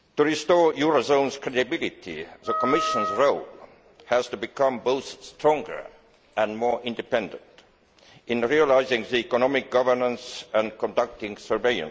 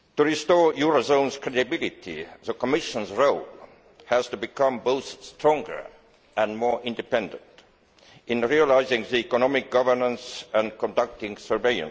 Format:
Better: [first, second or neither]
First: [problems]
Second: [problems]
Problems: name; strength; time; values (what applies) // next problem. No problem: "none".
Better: second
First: background sound (Wind instrument, woodwind instrument); 5 dB below the speech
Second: none